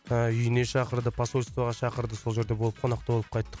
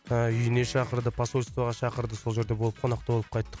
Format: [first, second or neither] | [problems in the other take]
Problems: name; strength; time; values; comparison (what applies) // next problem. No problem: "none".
first | background sound (Piano); 19 dB below the speech